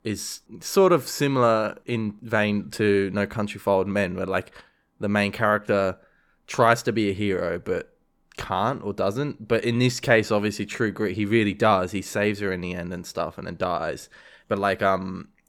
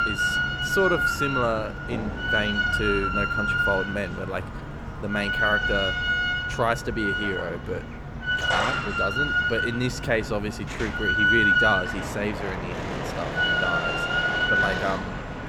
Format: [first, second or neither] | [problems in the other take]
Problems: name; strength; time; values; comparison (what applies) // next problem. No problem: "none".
first | machinery noise; very loud; throughout; 5 dB above the speech